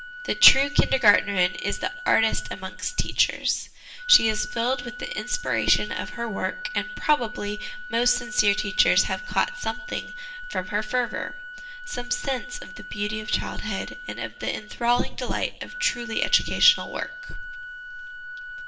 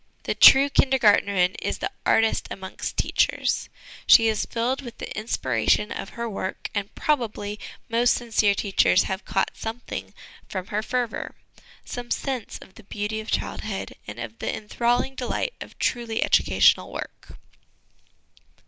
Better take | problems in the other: second | background sound (Organ); 12 dB below the speech // room echo; dies away in 0.6 s

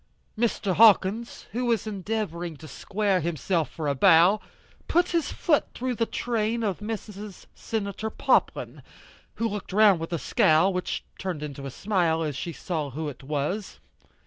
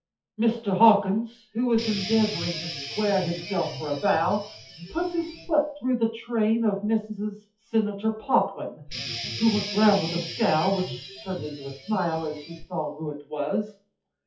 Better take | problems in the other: first | noise reduction (classical method WPE with log-MMSE)

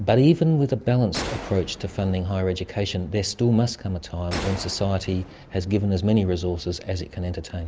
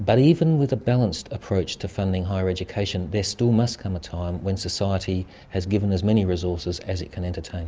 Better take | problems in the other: second | background sound (Gunshot, gunfire); 14 dB below the speech

